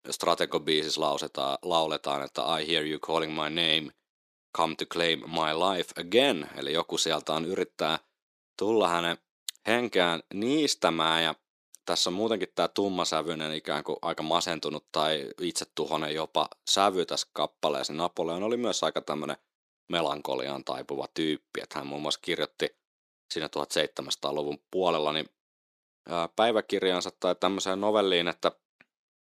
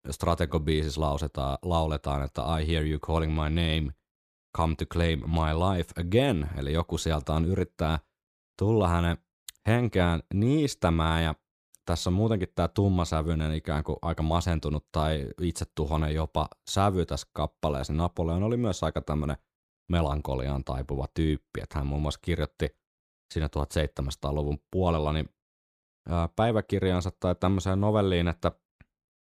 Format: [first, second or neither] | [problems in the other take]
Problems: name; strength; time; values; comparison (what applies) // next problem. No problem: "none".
second | thin; somewhat; fading below 300 Hz